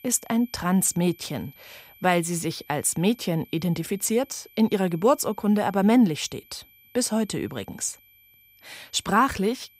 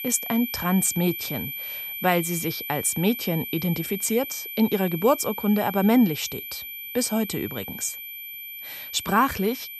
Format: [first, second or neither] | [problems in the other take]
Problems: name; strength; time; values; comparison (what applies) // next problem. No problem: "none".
first | high-pitched whine; loud; throughout; 2.5 kHz, 8 dB below the speech; faint in the first